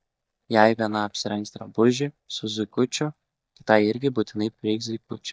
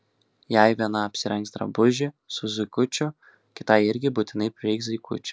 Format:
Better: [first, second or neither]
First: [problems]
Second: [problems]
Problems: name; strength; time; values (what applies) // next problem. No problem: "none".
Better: second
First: noise reduction (neural mask model DeepFilterNet 3)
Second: none